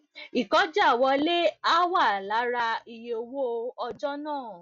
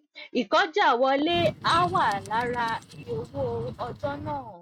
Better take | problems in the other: first | noise reduction (neural mask model RNNoise)

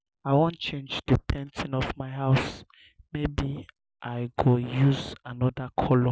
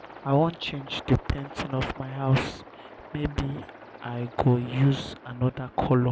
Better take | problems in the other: first | background sound (Aircraft); 18 dB below the speech

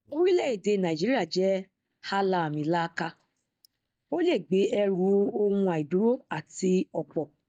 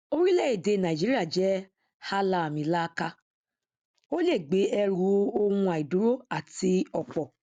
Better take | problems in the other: second | noise reduction (neural mask model DeepFilterNet 3)

